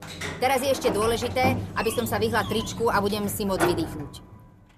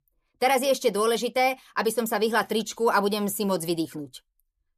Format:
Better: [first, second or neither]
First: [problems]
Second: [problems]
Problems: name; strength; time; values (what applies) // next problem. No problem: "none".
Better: second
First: door banging; noticeable; until 4 s; peak 1 dB below the speech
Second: none